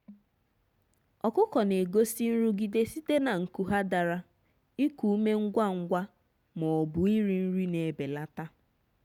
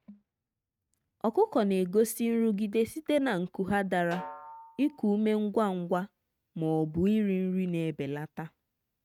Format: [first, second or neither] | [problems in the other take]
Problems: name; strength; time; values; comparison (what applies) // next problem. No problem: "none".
first | noise reduction (neural mask model RNNoise)